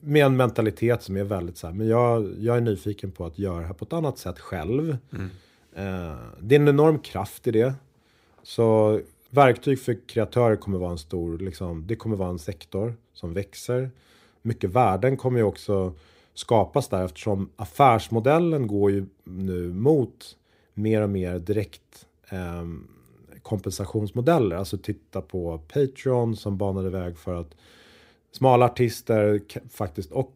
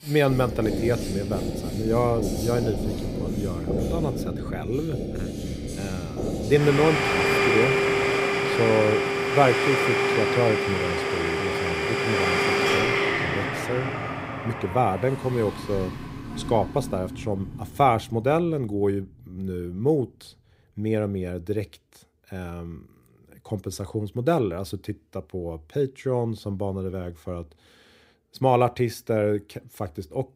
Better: first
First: none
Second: household noises; very loud; until 18 s; 1 dB above the speech

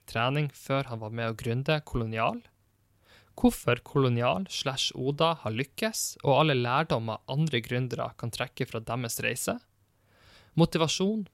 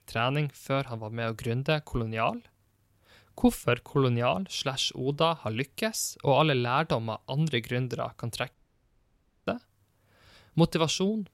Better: first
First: none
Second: audio cutting out; at 8.5 s for 1 s

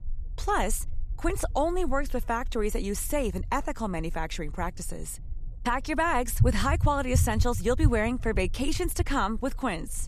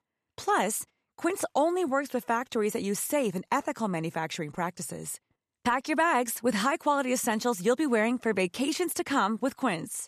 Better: second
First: low rumble; noticeable; throughout; 20 dB below the speech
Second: none

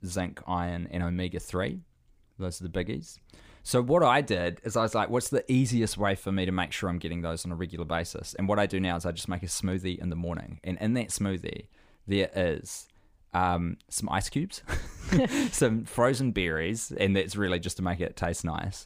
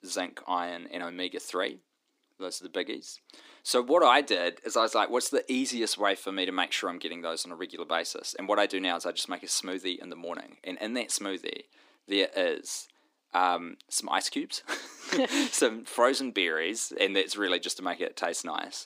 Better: first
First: none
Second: thin; somewhat; fading below 300 Hz

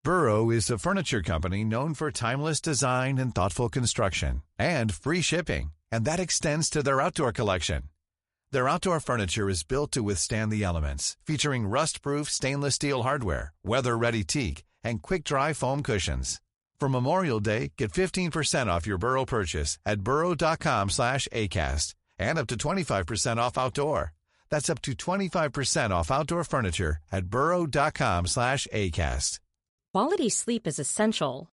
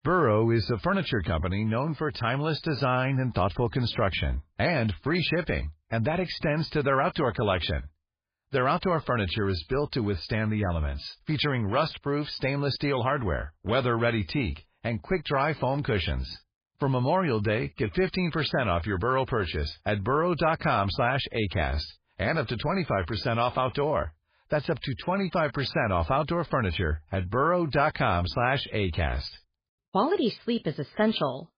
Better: first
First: garbled, watery; slightly; nothing above 11 kHz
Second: garbled, watery; badly; nothing above 5 kHz

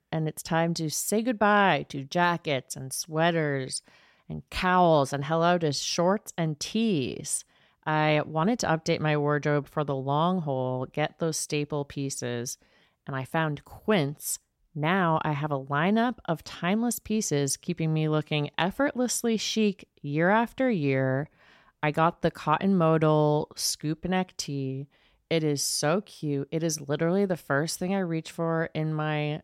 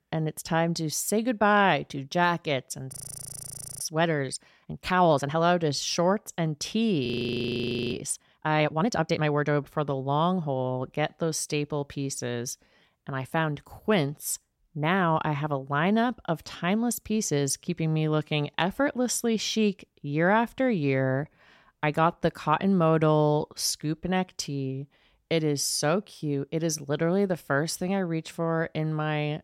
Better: first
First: none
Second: audio freezing; at 3 s for 1 s and at 7 s for 1 s

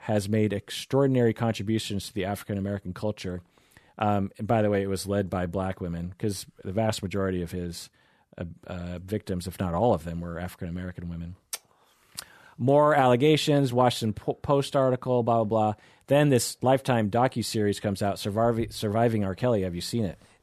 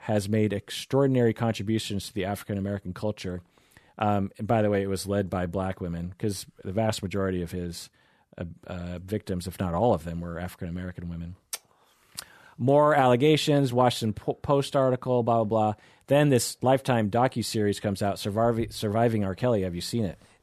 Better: neither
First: none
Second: none

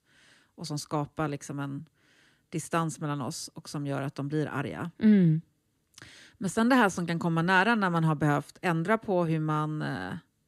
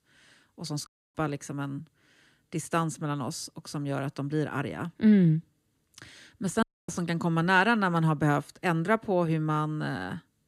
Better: first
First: none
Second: audio cutting out; at 1 s and at 6.5 s

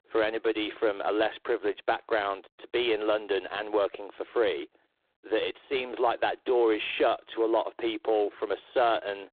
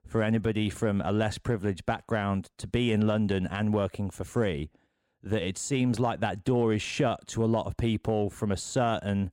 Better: second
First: phone-call audio; poor line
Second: none

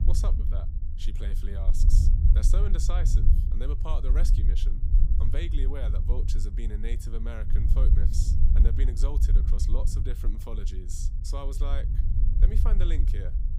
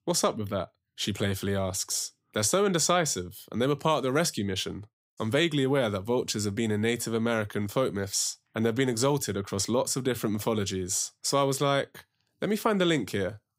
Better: second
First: low rumble; loud; throughout; 4 dB below the speech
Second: none

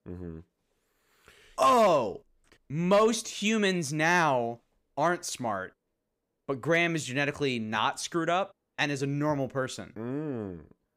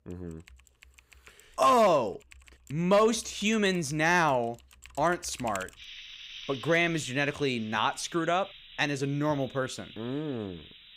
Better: first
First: none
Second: household noises; noticeable; throughout; 20 dB below the speech

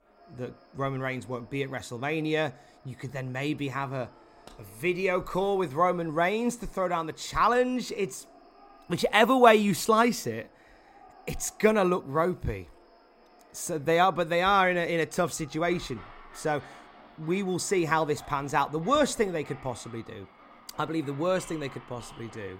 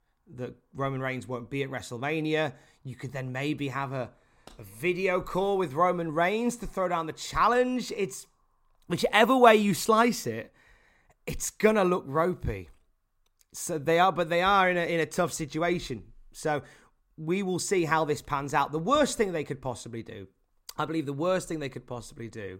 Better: second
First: animal sounds; faint; throughout; 25 dB below the speech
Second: none

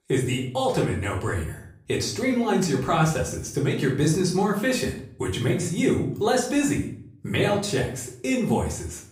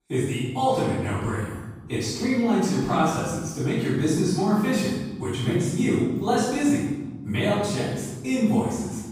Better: first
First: room echo; slight; dies away in 0.5 s // off-mic speech; far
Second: room echo; strong; dies away in 1.2 s // off-mic speech; far

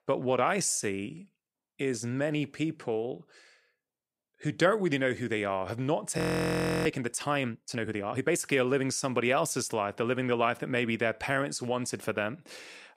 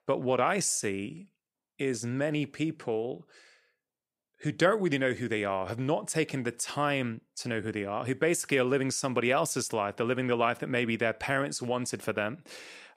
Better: second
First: audio freezing; at 6 s for 0.5 s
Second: none

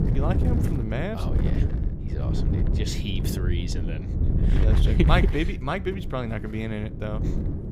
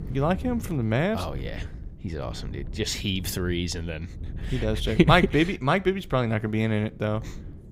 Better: second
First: wind noise on the microphone; heavy; 6 dB below the speech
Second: wind noise on the microphone; occasional gusts; 25 dB below the speech

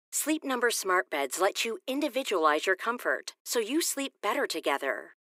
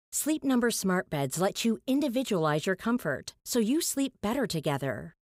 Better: second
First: thin; somewhat; fading below 300 Hz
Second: none

